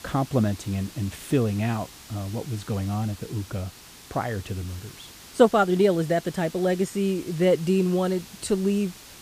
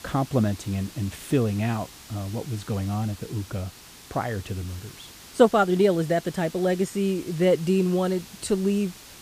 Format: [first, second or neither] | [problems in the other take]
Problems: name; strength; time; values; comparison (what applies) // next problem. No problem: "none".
neither | hiss; noticeable; throughout; 20 dB below the speech; the same in both